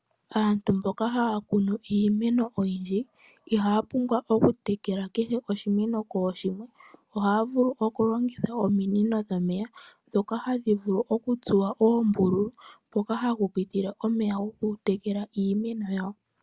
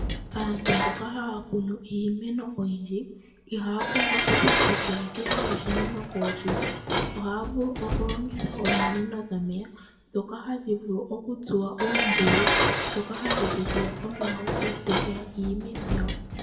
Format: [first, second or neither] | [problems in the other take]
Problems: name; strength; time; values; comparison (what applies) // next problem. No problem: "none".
first | background sound (Dishes, pots, and pans); 1 dB above the speech // room echo; dies away in 0.6 s